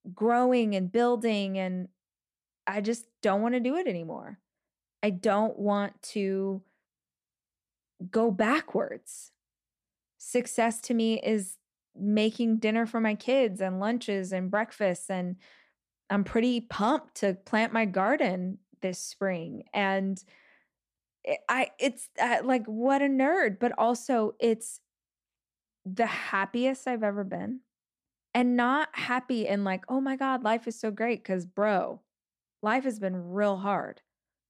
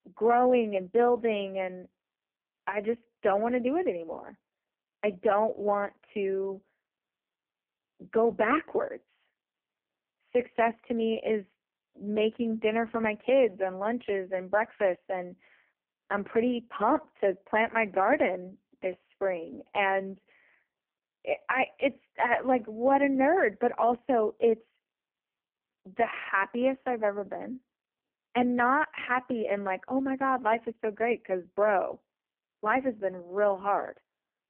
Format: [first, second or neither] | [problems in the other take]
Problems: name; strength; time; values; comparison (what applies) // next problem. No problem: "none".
first | phone-call audio; poor line; nothing above 3 kHz